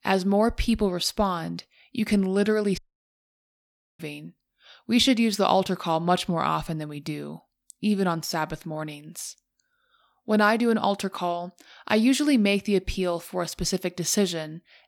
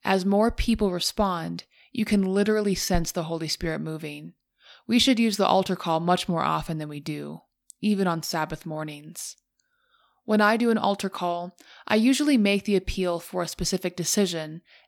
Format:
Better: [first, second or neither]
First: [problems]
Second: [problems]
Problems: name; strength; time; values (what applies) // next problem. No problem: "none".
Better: second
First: audio cutting out; at 3 s for 1 s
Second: none